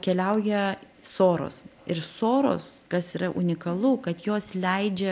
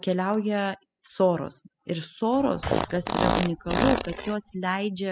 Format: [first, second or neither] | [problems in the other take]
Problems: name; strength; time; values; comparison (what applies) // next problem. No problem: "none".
first | noise reduction (classical method spectral subtraction)